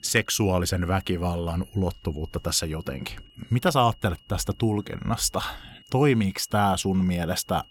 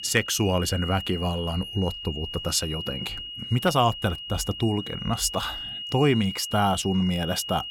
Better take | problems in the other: first | high-pitched whine; loud; throughout; 3 kHz, 8 dB below the speech; faint in the first

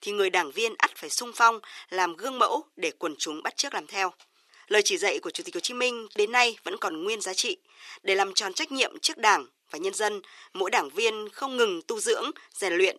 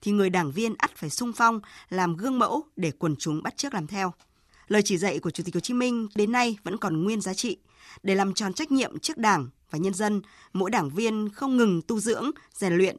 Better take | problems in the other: second | thin; very; fading below 400 Hz

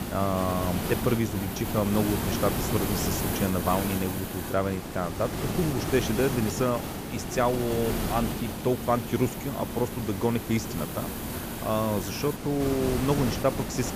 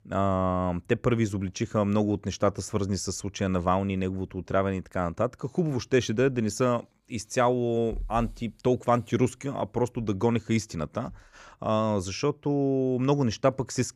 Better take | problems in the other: second | hiss; loud; throughout; 3 dB below the speech

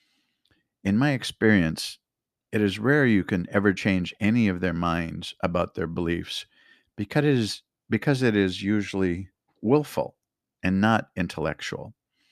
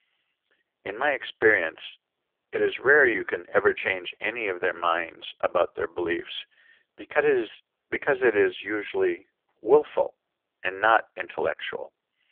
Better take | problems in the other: first | phone-call audio; poor line; nothing above 3.5 kHz

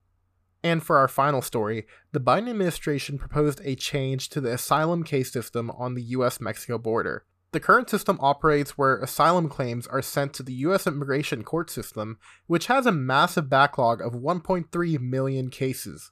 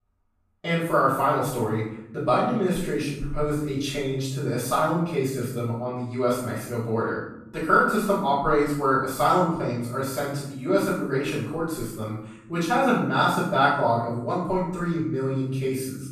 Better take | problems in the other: first | room echo; noticeable; dies away in 0.7 s // off-mic speech; far

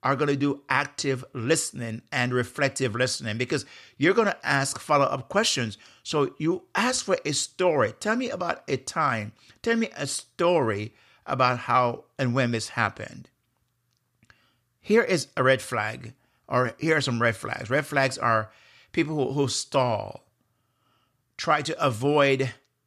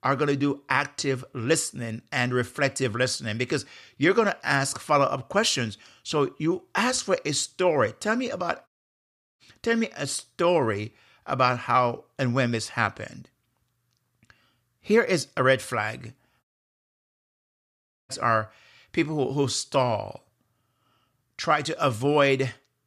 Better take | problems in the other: first | audio cutting out; at 8.5 s for 0.5 s and at 16 s for 1.5 s

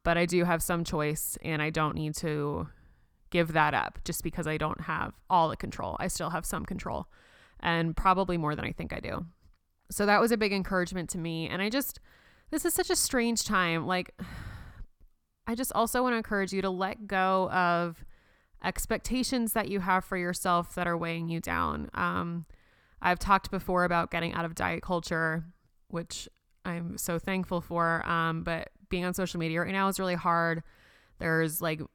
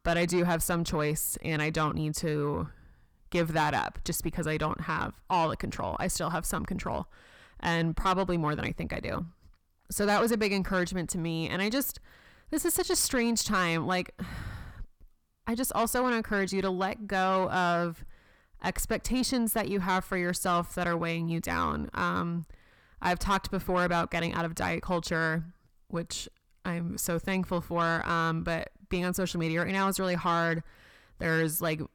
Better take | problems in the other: first | distortion; slight; 10 dB below the speech

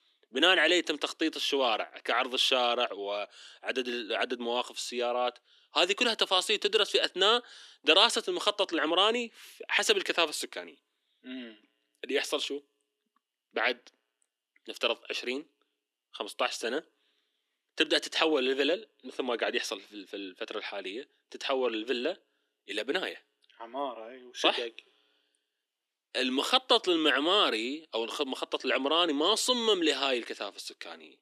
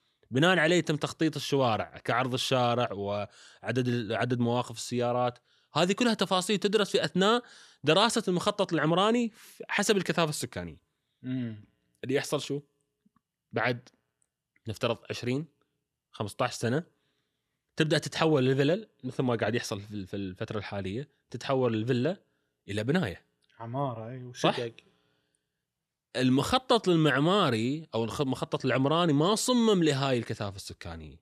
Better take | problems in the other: second | thin; somewhat; fading below 300 Hz

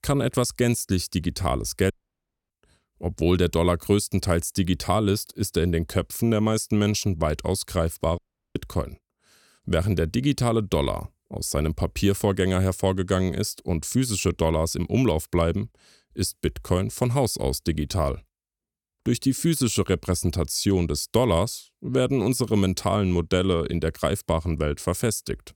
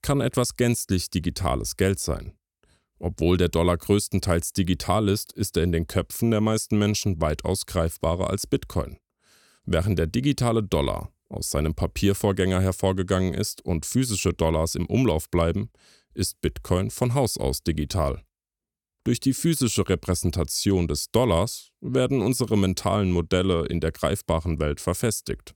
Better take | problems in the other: second | audio cutting out; at 2 s for 0.5 s and at 8 s

